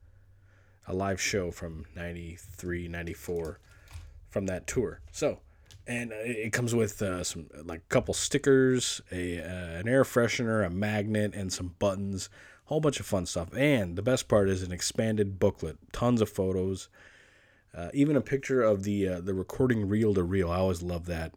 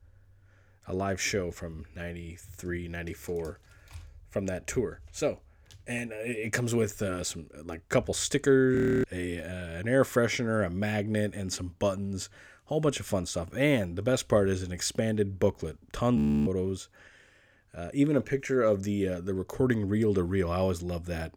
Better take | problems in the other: first | audio freezing; at 9 s and at 16 s

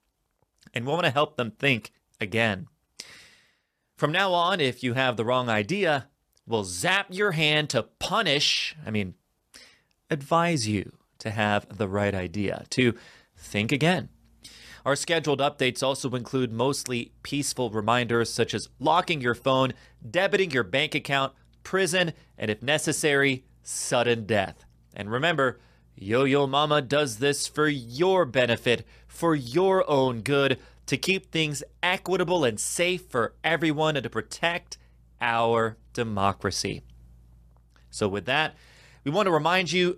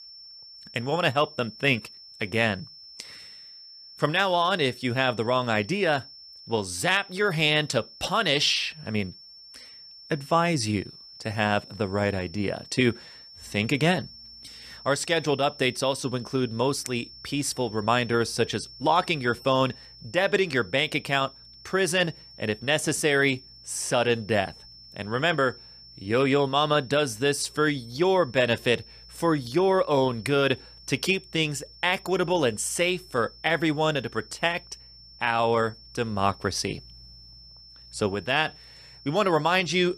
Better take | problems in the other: first | high-pitched whine; noticeable; throughout; 5.5 kHz, 20 dB below the speech

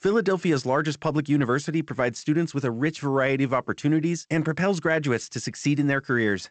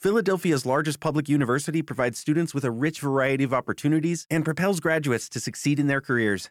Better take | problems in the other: second | garbled, watery; slightly; nothing above 8 kHz

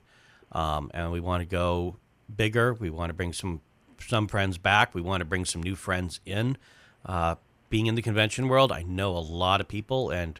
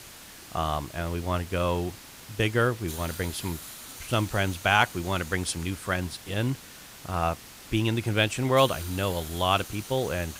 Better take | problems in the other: first | hiss; noticeable; throughout; 15 dB below the speech

